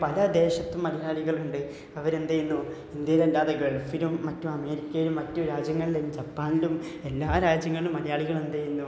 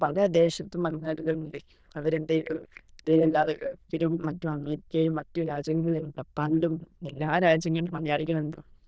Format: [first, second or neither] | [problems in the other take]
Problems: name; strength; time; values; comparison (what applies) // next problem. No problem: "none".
first | noise reduction (neural diffusion model UNIVERSE++)